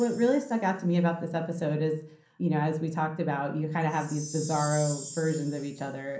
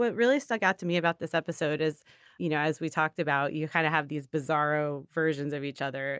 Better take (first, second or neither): second